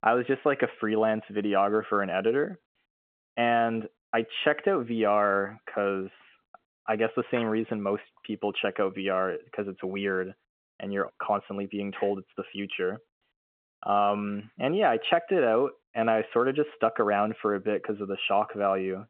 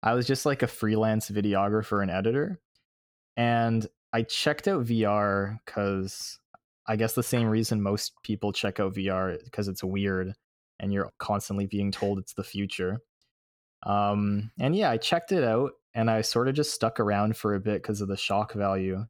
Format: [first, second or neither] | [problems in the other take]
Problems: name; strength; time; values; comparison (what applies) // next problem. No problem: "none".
second | phone-call audio